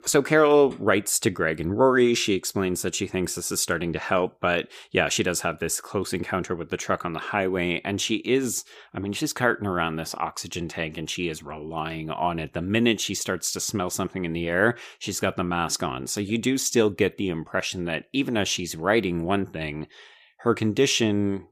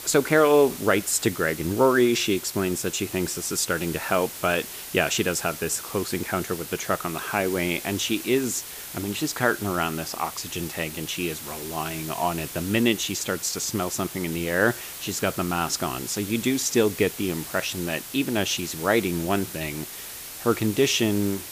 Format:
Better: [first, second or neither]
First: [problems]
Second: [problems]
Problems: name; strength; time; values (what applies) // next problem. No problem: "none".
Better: first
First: none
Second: hiss; noticeable; throughout; 10 dB below the speech